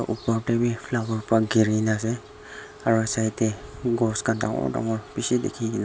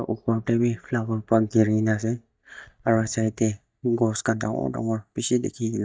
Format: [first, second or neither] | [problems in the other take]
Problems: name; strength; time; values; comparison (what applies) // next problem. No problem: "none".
first | noise reduction (neural mask model DeepFilterNet 3)